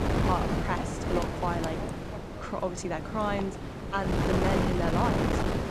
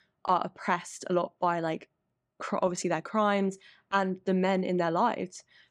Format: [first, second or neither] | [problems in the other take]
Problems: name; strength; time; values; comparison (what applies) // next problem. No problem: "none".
second | wind noise on the microphone; heavy; 1 dB below the speech